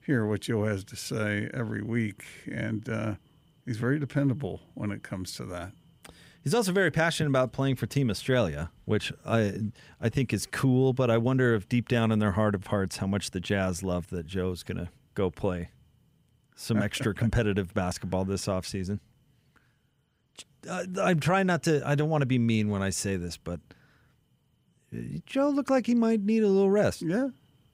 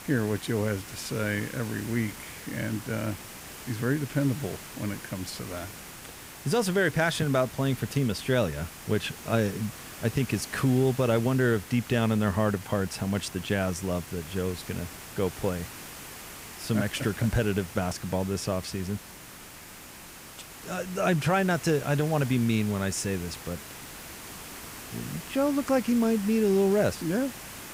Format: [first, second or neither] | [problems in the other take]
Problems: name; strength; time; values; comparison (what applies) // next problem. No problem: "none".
first | hiss; noticeable; throughout; 15 dB below the speech